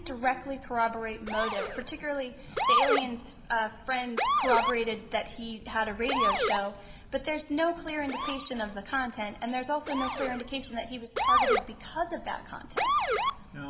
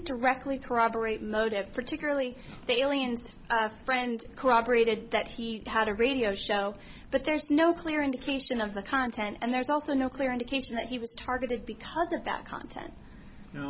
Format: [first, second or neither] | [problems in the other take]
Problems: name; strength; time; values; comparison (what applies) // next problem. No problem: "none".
second | background sound (Motor vehicle (road) / Siren); as loud as the speech // room echo; dies away in 1.1 s